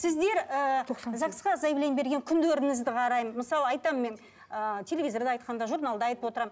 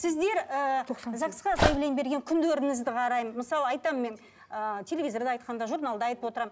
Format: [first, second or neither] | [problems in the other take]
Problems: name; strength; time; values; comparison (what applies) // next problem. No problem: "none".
first | background sound (Dog); 1 dB below the speech